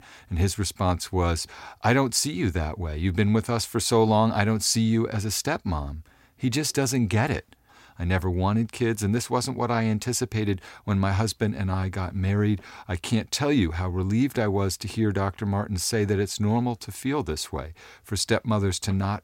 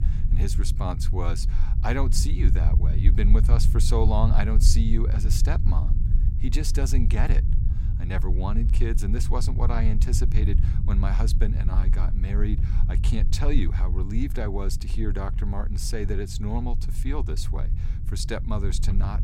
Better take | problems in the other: first | low rumble; loud; throughout; 8 dB below the speech

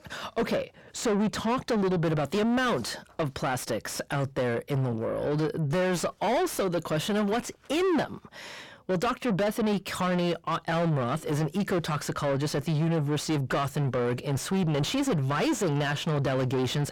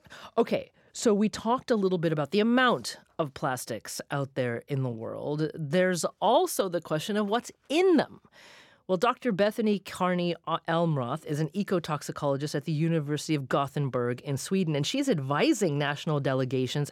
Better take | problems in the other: second | distortion; heavy; 6 dB below the speech

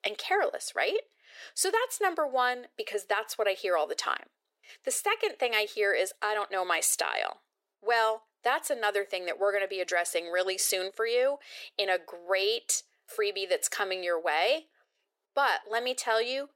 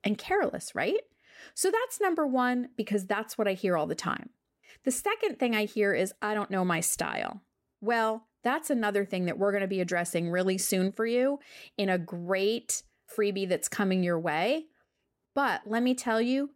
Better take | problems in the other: second | thin; very; fading below 450 Hz

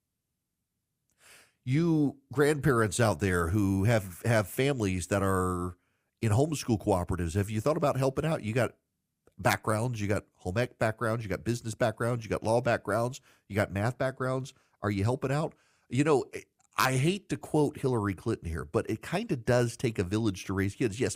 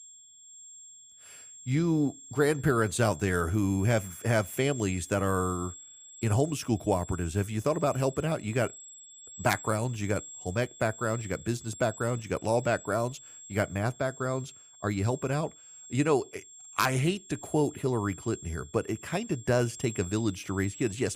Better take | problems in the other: first | high-pitched whine; noticeable; throughout; 7.5 kHz, 15 dB below the speech

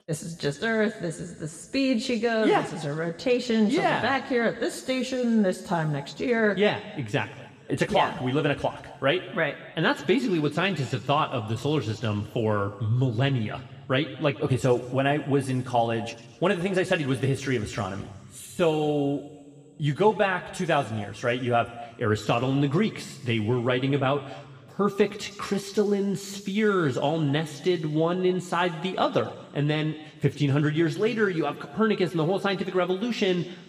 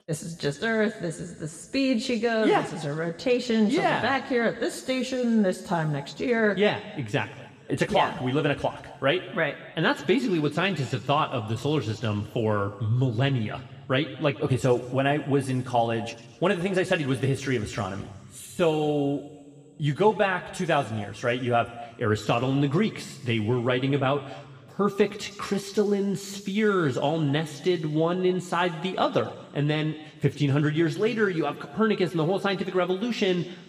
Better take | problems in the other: neither | room echo; slight; dies away in 2.7 s; the same in both

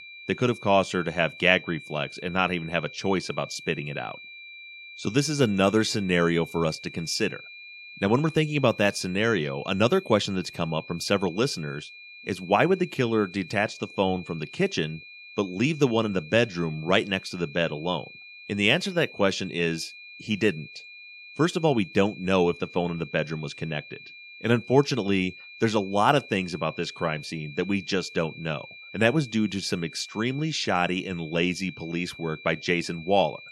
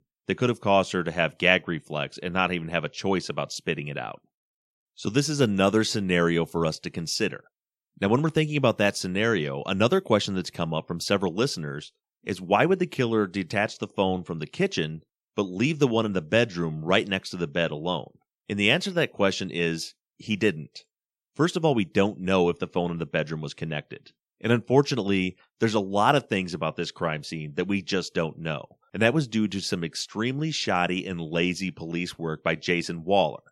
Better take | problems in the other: second | high-pitched whine; noticeable; throughout; 2.5 kHz, 15 dB below the speech

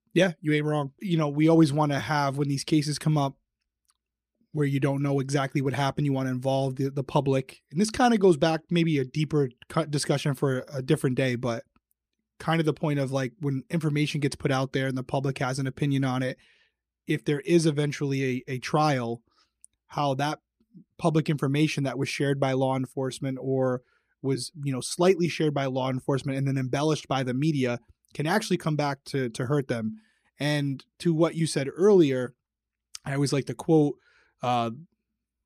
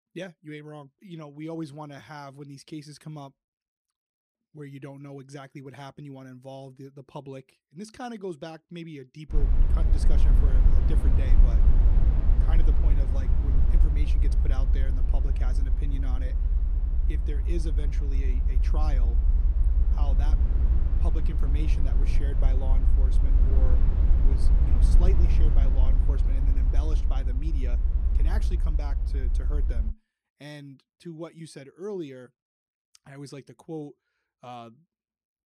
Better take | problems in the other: first | low rumble; loud; from 9.5 to 30 s; 2 dB below the speech

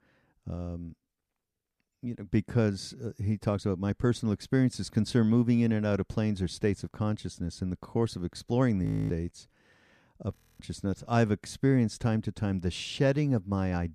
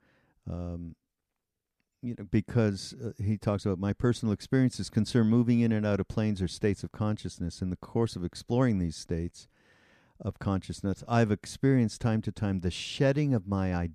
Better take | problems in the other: second | audio freezing; at 9 s and at 10 s

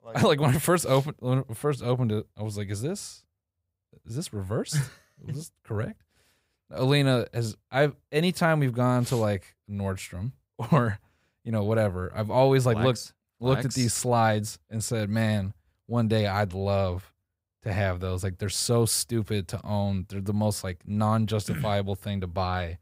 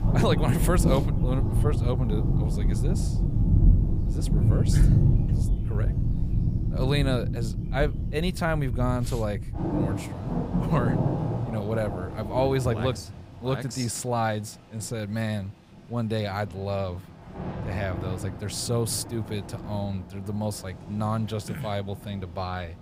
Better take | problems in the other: first | rain or running water; very loud; throughout; 3 dB above the speech

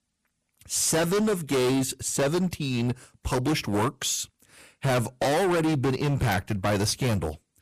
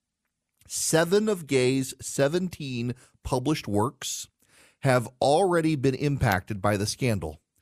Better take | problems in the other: second | distortion; heavy; 20% of the sound clipped

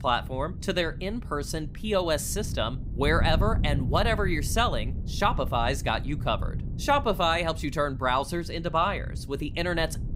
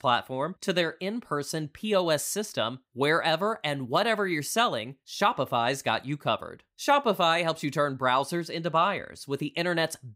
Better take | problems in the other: second | wind noise on the microphone; occasional gusts; 20 dB below the speech

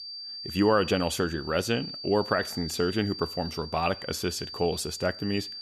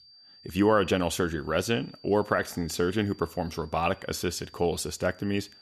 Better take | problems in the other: second | high-pitched whine; loud; throughout; 4.5 kHz, 9 dB below the speech; faint in the second

